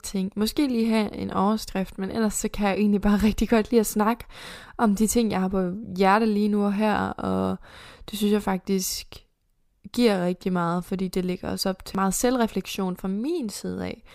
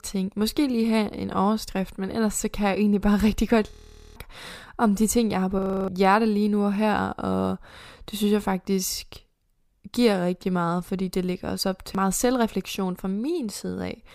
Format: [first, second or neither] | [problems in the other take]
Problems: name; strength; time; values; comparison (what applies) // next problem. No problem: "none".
first | audio freezing; at 3.5 s and at 5.5 s